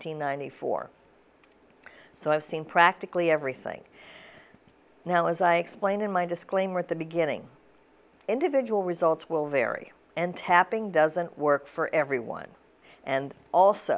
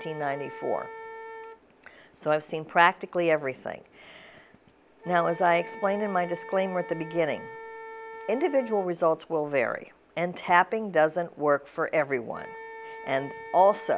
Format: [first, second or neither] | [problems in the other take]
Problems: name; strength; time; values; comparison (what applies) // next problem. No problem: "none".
first | background sound (Wind instrument, woodwind instrument); 16 dB below the speech